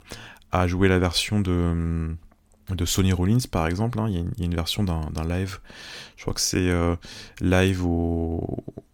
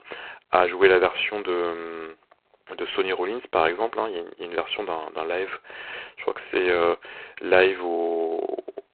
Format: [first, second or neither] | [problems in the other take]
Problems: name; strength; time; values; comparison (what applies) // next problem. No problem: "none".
first | phone-call audio; poor line